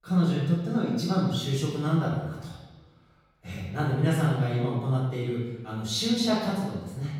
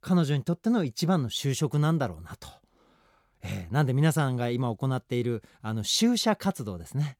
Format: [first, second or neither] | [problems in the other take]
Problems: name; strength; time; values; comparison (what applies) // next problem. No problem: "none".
second | off-mic speech; far // room echo; noticeable; dies away in 1.1 s